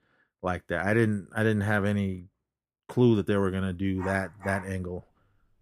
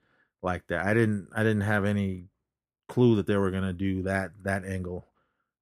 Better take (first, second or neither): second